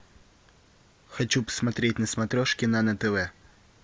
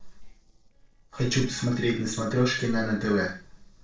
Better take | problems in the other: first | noise reduction (neural separator model SepFormer DNS4)

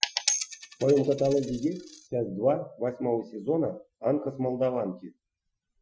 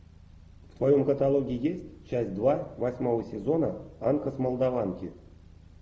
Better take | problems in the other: second | noise reduction (classical method Wiener filter)

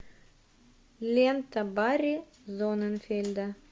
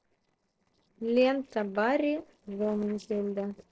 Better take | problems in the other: first | noise reduction (neural separator model SepFormer DNS4)

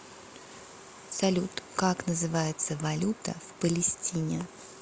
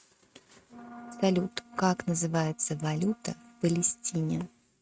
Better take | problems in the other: first | noise reduction (neural mask model RNNoise)

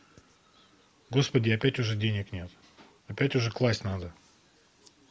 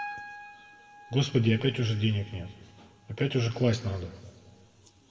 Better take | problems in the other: first | background sound (Piano); 18 dB below the speech // room echo; dies away in 1.5 s

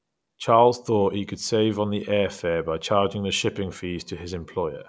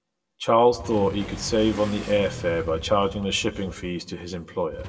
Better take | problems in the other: first | background sound (Motorcycle / Accelerating, revving, vroom); 14 dB below the speech // room echo; dies away in 1.5 s

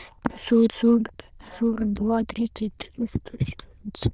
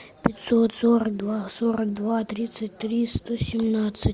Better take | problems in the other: second | noise reduction (neural diffusion model UNIVERSE++)

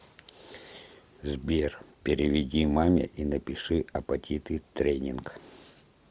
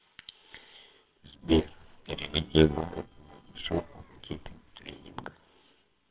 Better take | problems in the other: first | noise reduction (neural separator model SepFormer WHAMR!)

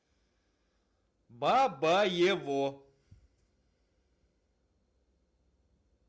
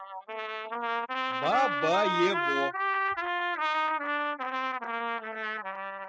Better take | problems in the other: first | noise reduction (classical method spectral subtraction)

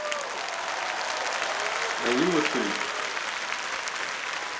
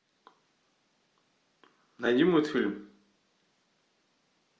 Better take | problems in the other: second | background sound (Applause); 4 dB above the speech

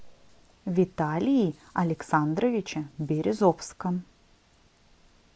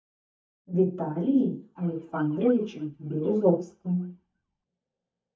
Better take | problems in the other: first | noise reduction (neural mask model DeepFilterNet 3)

